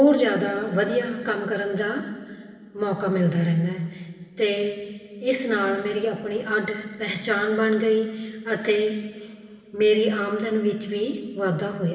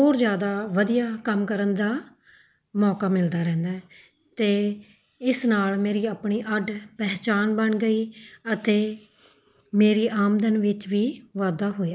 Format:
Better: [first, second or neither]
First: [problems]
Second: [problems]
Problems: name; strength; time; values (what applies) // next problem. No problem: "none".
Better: second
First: room echo; dies away in 2.6 s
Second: none